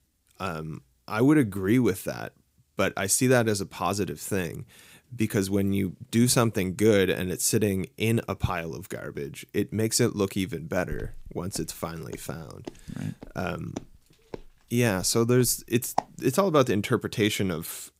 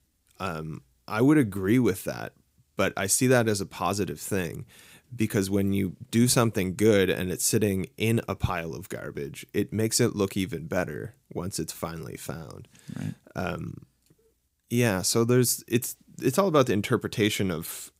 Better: second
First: footsteps; noticeable; from 11 to 16 s; peak 6 dB below the speech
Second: none

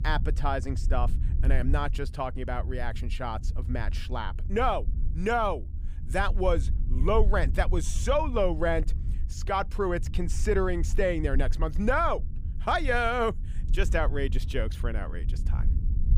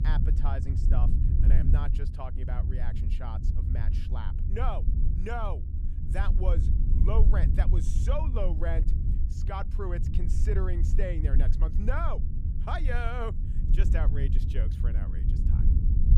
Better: first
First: low rumble; faint; throughout; 20 dB below the speech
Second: low rumble; loud; throughout; 7 dB below the speech

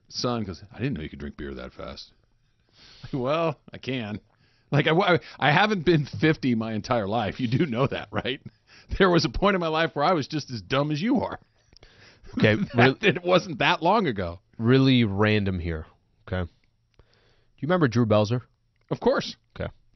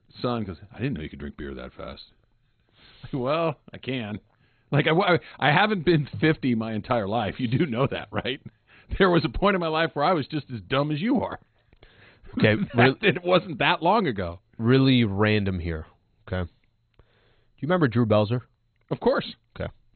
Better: first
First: garbled, watery; slightly; nothing above 6 kHz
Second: garbled, watery; badly; nothing above 4 kHz

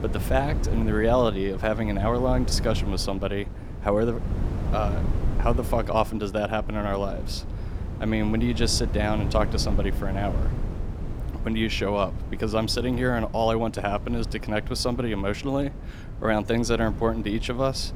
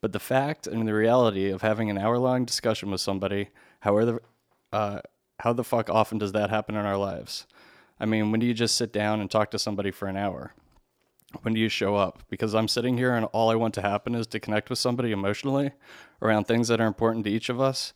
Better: second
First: wind noise on the microphone; occasional gusts; 15 dB below the speech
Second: none

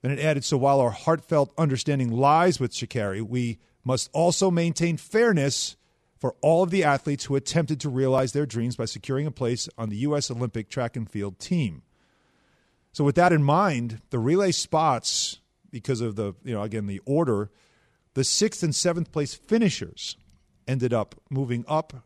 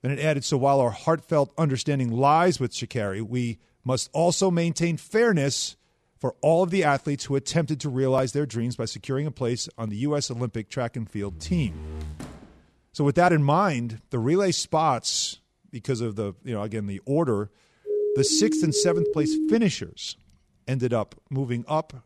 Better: first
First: none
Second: door banging; faint; from 11 to 13 s; peak 10 dB below the speech // siren; noticeable; from 18 to 20 s; peak level with the speech

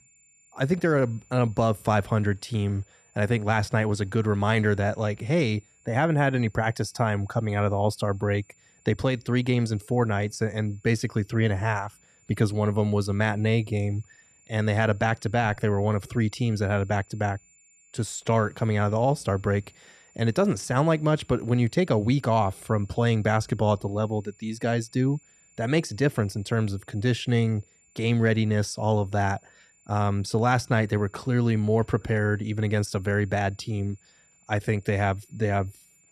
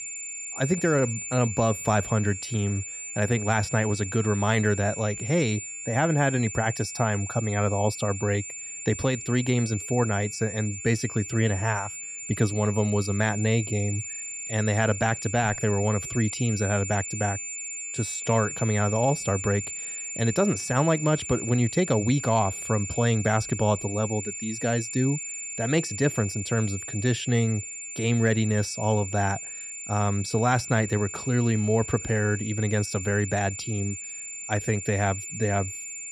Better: first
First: high-pitched whine; faint; throughout; 7 kHz, 30 dB below the speech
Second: high-pitched whine; loud; throughout; 7 kHz, 7 dB below the speech

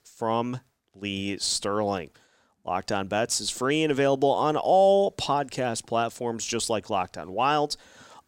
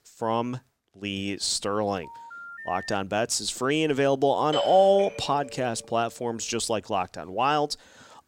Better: first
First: none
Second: phone ringing; faint; at 2 s; peak 10 dB below the speech // doorbell; noticeable; at 4.5 s; peak 2 dB below the speech

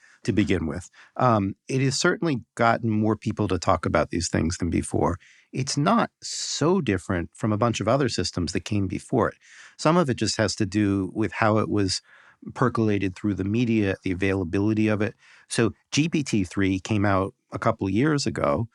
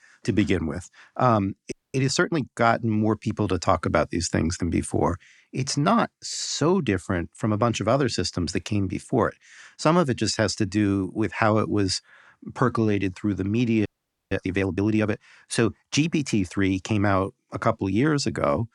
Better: first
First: none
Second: audio freezing; at 1.5 s and at 14 s

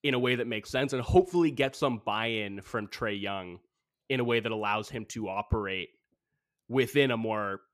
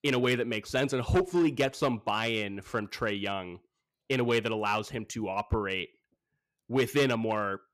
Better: first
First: none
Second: distortion; slight; 3% of the sound clipped

